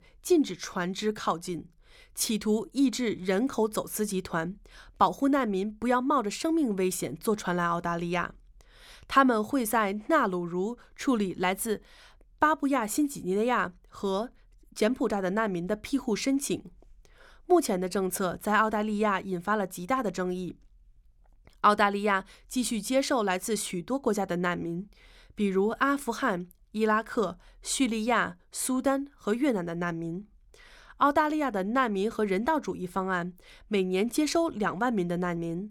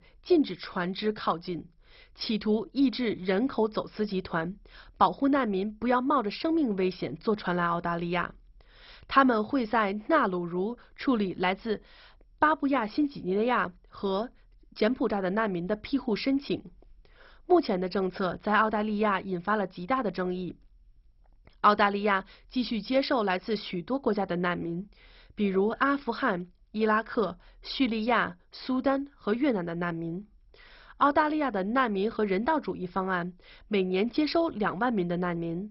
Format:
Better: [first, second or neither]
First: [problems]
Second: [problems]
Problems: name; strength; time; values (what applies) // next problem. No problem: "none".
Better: first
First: none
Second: garbled, watery; badly; nothing above 5.5 kHz